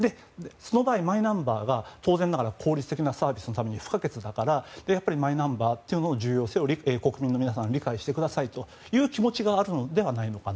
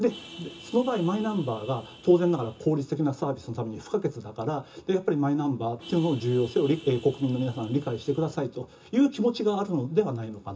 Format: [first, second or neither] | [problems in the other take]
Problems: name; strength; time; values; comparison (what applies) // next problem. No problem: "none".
first | background sound (Vehicle horn, car horn, honking); 19 dB below the speech // room echo; dies away in 0.2 s